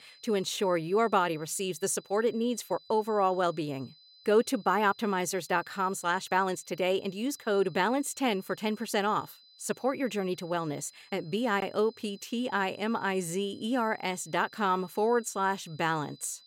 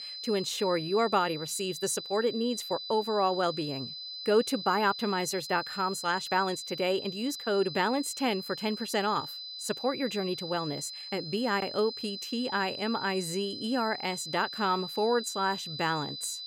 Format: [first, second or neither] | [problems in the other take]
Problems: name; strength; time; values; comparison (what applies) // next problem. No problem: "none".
first | high-pitched whine; loud; throughout; 4 kHz, 8 dB below the speech; faint in the first